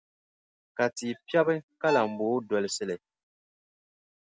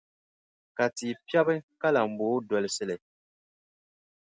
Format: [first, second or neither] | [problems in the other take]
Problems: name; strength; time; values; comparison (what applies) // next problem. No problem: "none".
second | background sound (Bowed string instrument); 9 dB below the speech